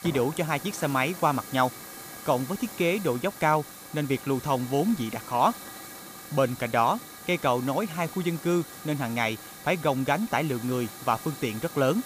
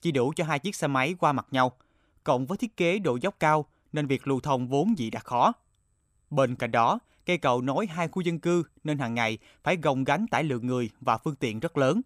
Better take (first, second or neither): second